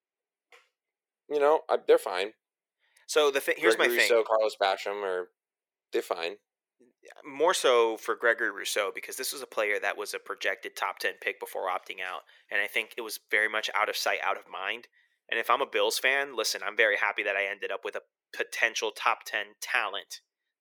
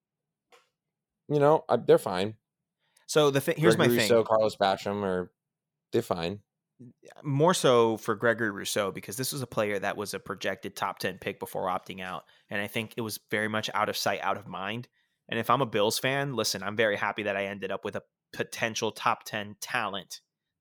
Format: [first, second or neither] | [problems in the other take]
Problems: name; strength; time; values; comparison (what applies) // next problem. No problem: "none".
second | thin; very; fading below 400 Hz